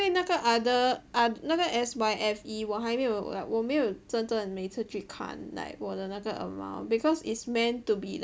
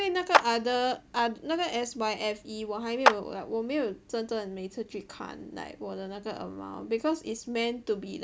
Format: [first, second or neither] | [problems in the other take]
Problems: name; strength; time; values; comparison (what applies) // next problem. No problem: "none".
first | background sound (Clapping); 2 dB above the speech